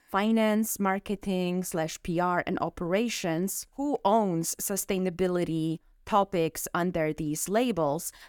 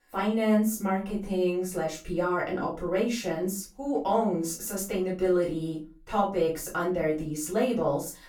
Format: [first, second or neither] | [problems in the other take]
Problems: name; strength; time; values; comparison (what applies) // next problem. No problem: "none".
first | off-mic speech; far // room echo; slight; dies away in 0.3 s